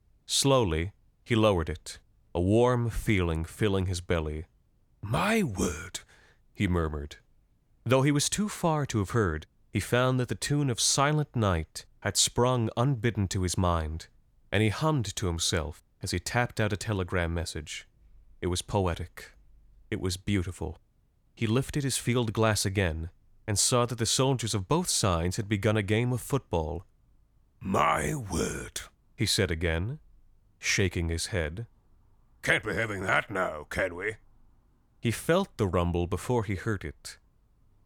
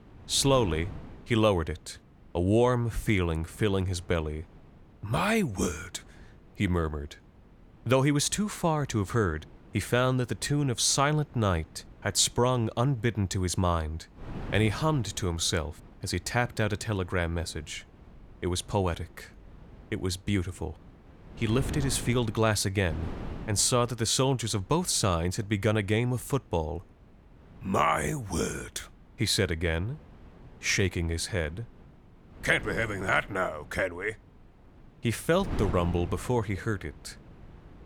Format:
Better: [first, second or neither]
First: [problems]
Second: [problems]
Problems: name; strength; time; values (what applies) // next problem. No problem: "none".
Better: first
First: none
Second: wind noise on the microphone; occasional gusts; 20 dB below the speech